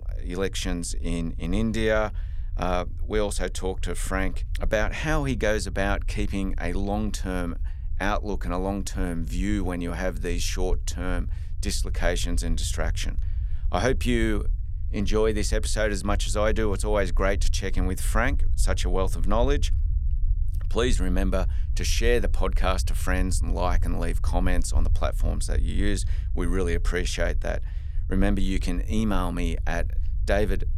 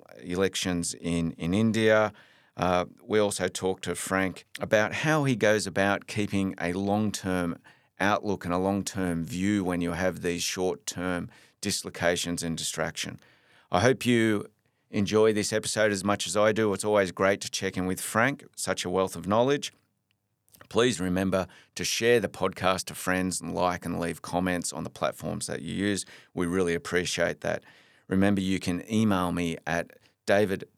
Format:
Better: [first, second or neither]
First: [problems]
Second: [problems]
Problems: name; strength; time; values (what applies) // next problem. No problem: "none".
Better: second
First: low rumble; faint; throughout; 20 dB below the speech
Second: none